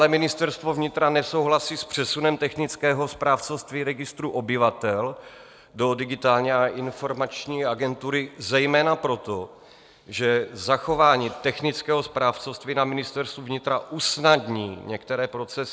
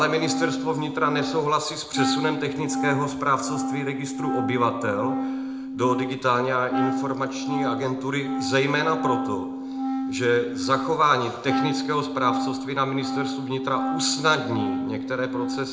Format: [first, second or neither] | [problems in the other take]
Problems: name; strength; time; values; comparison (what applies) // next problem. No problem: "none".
first | background sound (Wind instrument, woodwind instrument); 3 dB below the speech // room echo; dies away in 0.6 s